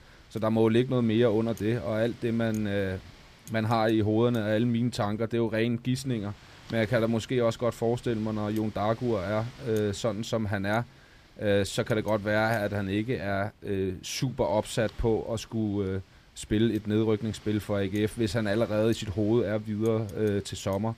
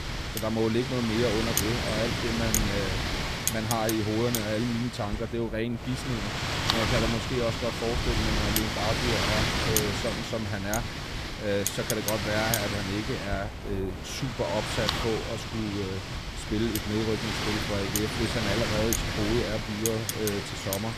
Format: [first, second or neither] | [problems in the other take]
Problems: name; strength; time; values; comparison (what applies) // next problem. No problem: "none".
first | wind noise on the microphone; heavy; 2 dB above the speech; occasional gusts in the first